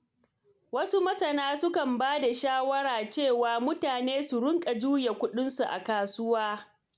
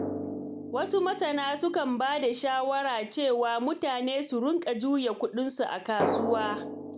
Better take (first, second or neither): first